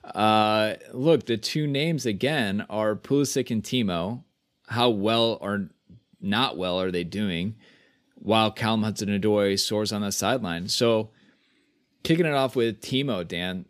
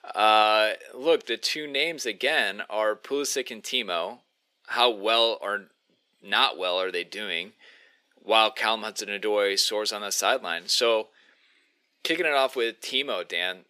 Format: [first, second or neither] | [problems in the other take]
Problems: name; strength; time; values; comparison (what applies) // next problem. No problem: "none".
first | thin; very; fading below 450 Hz